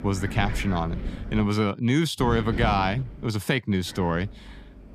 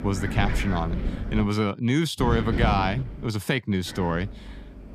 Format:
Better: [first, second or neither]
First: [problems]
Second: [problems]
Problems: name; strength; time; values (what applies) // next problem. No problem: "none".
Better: first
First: wind noise on the microphone; occasional gusts; until 1.5 s, from 2 to 3.5 s and from 4 s on; 15 dB below the speech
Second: wind noise on the microphone; heavy; until 1.5 s, from 2 to 3.5 s and from 4 s on; 9 dB below the speech